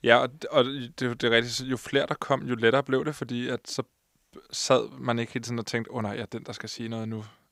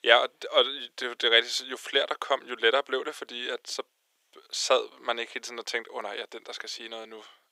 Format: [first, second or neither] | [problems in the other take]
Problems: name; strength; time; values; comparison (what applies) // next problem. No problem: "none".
first | thin; very; fading below 400 Hz